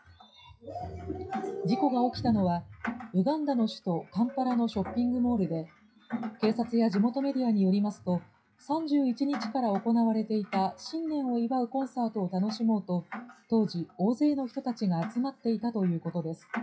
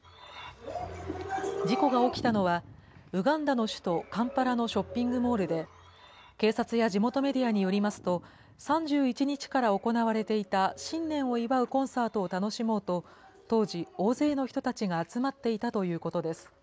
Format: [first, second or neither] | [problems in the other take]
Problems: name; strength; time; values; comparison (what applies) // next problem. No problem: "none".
second | noise reduction (classical method WPE with log-MMSE)